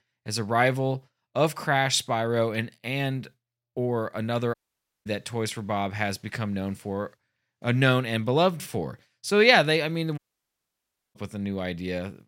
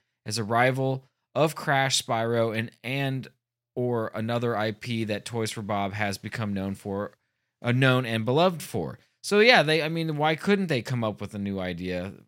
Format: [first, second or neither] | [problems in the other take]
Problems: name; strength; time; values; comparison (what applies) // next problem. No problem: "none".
second | audio cutting out; at 4.5 s for 0.5 s and at 10 s for 1 s